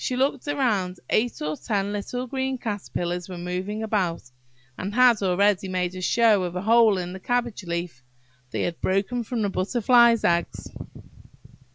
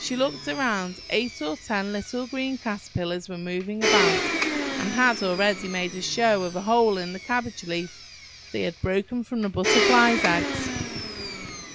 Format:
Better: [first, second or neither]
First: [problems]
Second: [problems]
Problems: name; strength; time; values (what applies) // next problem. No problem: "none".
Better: first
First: none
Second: background sound (Domestic sounds, home sounds); 3 dB below the speech